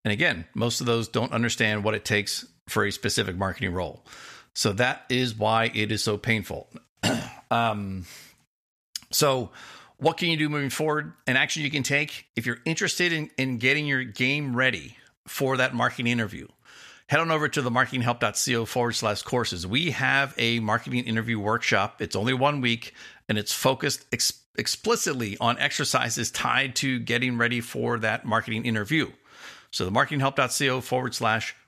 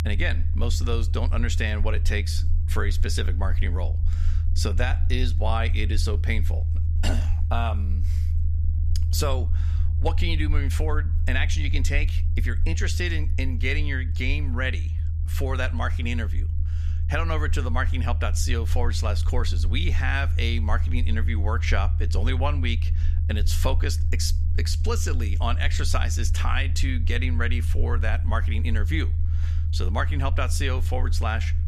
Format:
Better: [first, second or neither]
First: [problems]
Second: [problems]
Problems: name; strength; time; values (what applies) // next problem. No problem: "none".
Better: first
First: none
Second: low rumble; noticeable; throughout; 15 dB below the speech